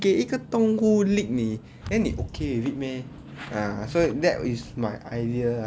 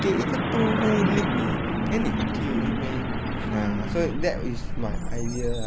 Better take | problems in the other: first | background sound (Truck); 2 dB above the speech

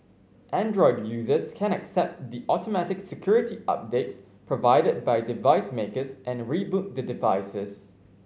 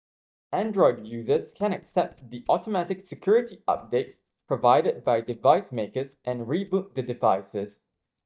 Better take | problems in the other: first | noise reduction (neural mask model DeepFilterNet 3)

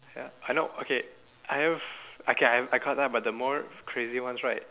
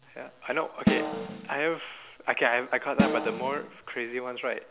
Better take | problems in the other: first | background sound (Snare drum); 2 dB above the speech

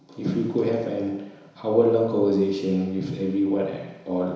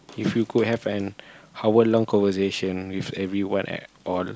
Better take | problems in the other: second | room echo; dies away in 1 s

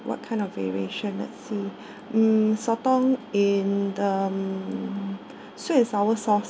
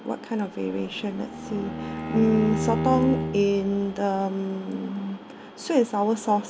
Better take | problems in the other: first | background sound (Bowed string instrument); 5 dB below the speech

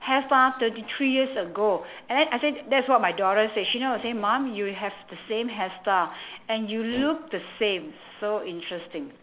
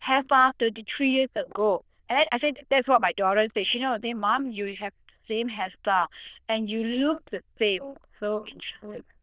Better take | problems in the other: first | noise reduction (neural diffusion model UNIVERSE++)

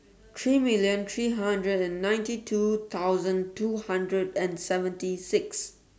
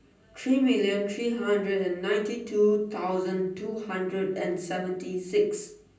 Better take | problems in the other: first | room echo; dies away in 0.6 s

